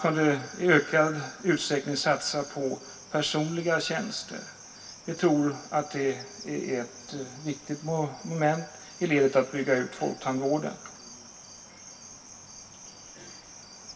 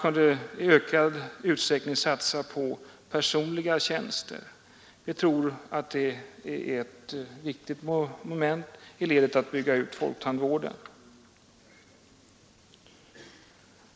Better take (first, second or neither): second